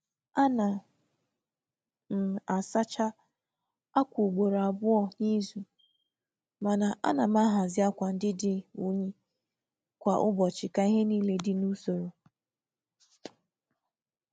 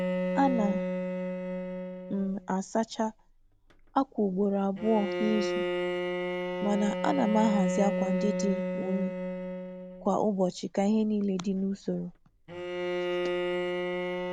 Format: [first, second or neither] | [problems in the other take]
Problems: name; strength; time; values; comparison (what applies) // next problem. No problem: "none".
first | background sound (Bowed string instrument); 2 dB below the speech